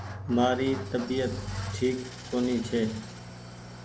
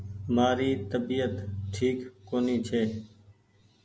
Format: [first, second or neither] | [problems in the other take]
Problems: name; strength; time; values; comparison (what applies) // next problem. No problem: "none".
second | background sound (Idling / Engine starting); 13 dB below the speech